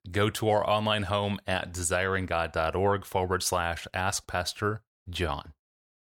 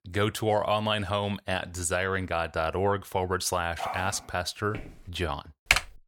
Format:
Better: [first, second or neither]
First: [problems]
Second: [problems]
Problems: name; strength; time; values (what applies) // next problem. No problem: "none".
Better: first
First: none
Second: dog barking; noticeable; at 4 s; peak 6 dB below the speech // footsteps; faint; at 4.5 s; peak 15 dB below the speech // keyboard typing; loud; at 5.5 s; peak 5 dB above the speech